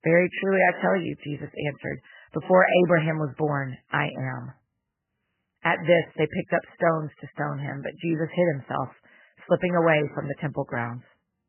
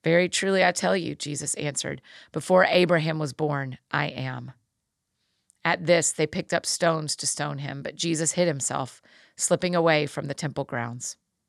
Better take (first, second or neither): second